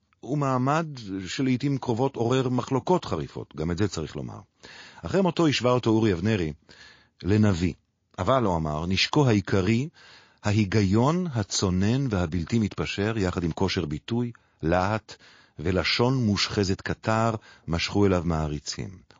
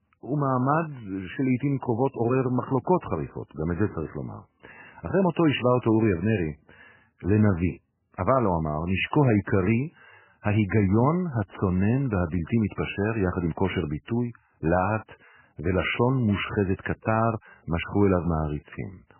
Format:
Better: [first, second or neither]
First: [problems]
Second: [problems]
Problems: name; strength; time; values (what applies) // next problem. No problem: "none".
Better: first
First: garbled, watery; slightly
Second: garbled, watery; badly; nothing above 3 kHz